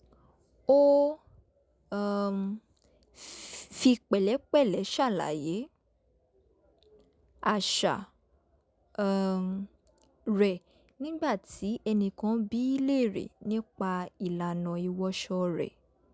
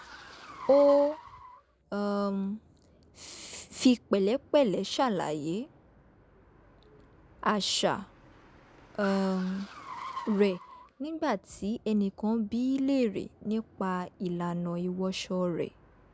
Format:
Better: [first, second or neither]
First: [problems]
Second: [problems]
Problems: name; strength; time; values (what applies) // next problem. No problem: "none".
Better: first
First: none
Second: background sound (Car); 19 dB below the speech